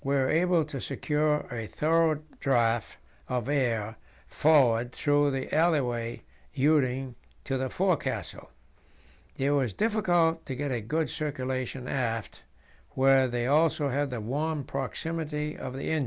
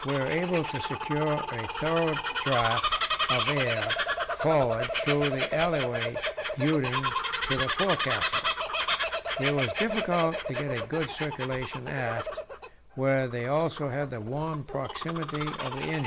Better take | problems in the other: first | background sound (Bird vocalization, bird call, bird song); 2 dB below the speech

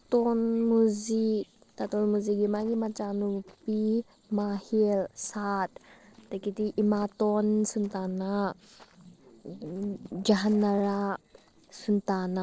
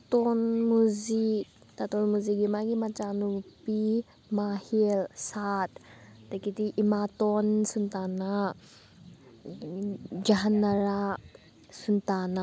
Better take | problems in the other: second | noise reduction (neural separator model SepFormer DNS4)

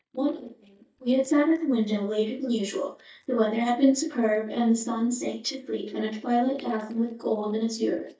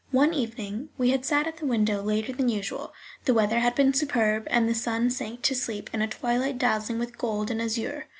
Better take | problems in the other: second | noise reduction (neural mask model DeepFilterNet 3)

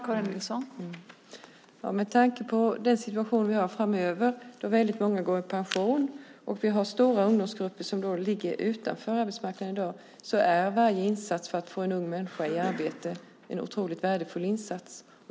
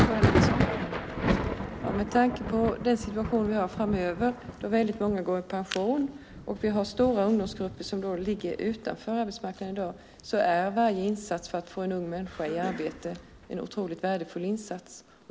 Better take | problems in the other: first | background sound (Thunder); 4 dB below the speech

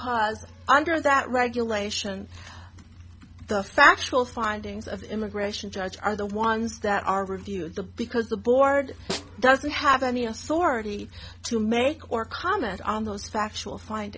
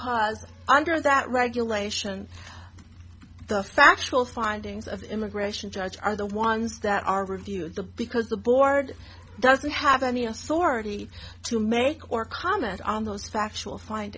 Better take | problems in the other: second | background sound (Snare drum); 14 dB below the speech

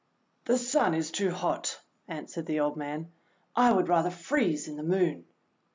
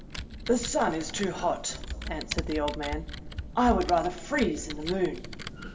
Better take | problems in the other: first | background sound (Computer keyboard); 7 dB below the speech // room echo; dies away in 1.5 s

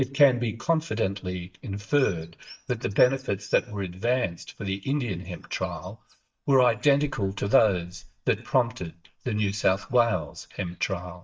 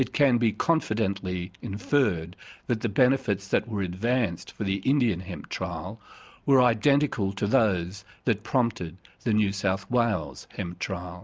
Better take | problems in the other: second | noise reduction (neural mask model DeepFilterNet 3)

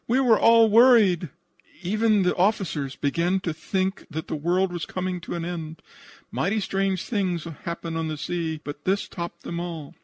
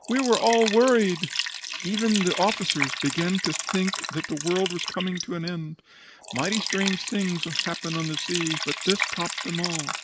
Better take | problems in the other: first | background sound (Liquid); 5 dB below the speech

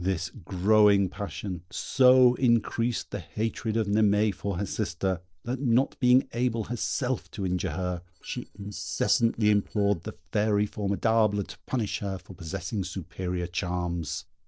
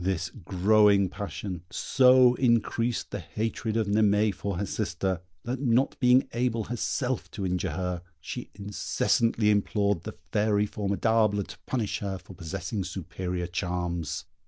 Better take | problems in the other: second | noise reduction (neural separator model SepFormer DNS4)

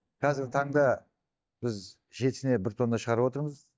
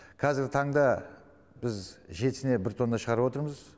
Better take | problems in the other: second | noise reduction (neural mask model DeepFilterNet 3)

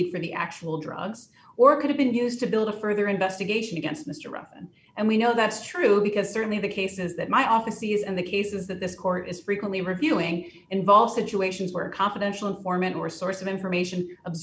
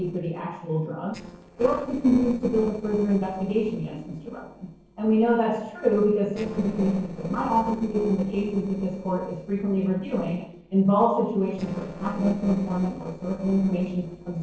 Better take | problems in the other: first | noise reduction (neural separator model SepFormer DNS4)

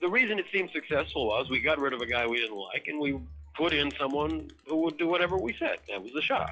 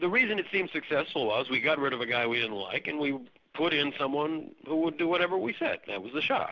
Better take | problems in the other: second | noise reduction (classical method log-MMSE)

